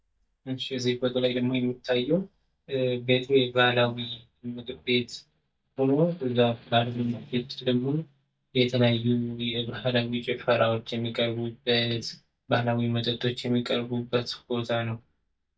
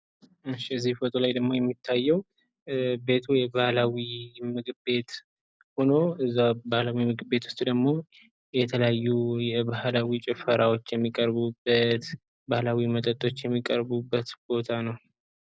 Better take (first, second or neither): second